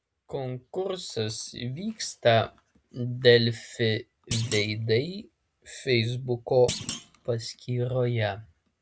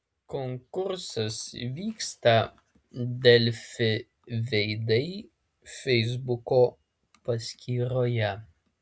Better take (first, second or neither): second